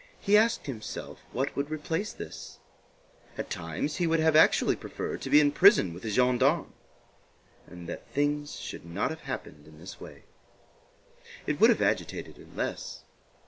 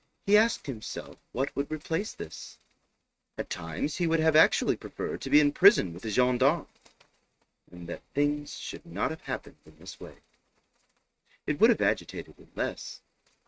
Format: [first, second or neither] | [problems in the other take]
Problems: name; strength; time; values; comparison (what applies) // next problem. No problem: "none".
first | noise reduction (neural mask model RNNoise)